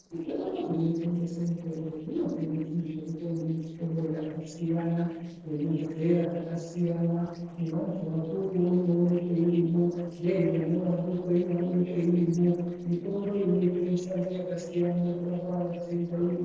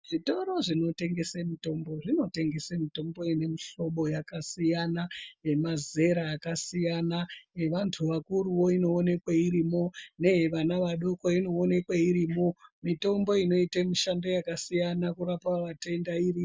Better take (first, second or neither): second